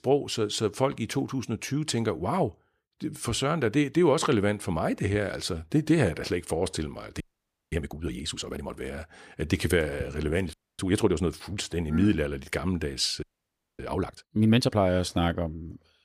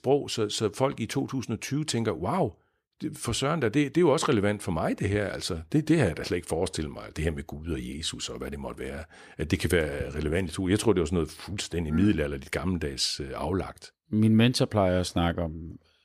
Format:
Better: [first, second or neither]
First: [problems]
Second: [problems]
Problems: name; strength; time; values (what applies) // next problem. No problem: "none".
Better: second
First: audio freezing; at 7 s for 0.5 s, at 11 s and at 13 s for 0.5 s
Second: none